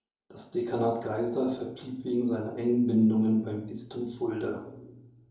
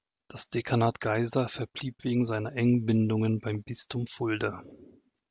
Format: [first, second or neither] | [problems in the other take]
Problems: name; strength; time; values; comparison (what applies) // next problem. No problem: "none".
second | room echo; dies away in 2.6 s